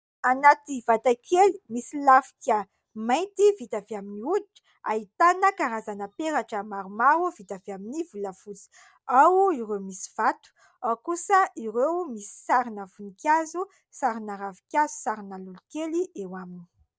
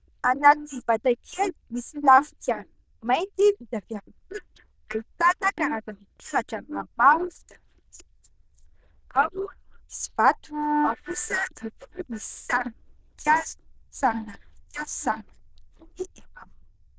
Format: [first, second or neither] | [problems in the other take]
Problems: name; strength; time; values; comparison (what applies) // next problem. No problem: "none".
first | noise reduction (neural diffusion model UNIVERSE++)